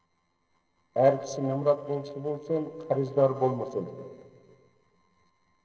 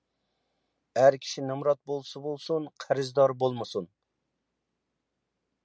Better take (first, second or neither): second